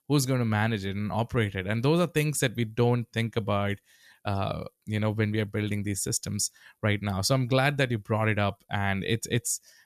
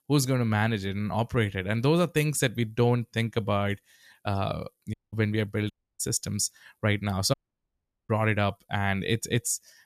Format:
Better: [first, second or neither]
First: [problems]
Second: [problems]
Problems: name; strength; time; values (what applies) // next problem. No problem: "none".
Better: first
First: none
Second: audio cutting out; at 5 s, at 5.5 s and at 7.5 s for 1 s